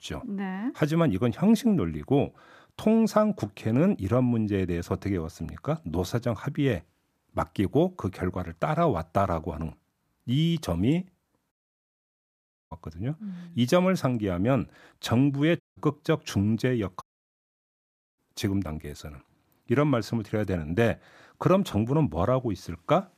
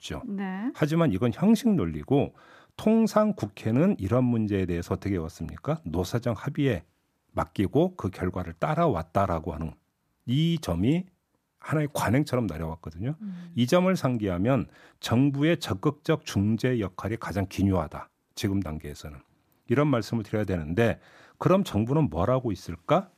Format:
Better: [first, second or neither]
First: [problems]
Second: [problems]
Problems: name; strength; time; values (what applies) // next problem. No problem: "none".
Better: second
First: audio cutting out; at 12 s for 1 s, at 16 s and at 17 s for 1 s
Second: none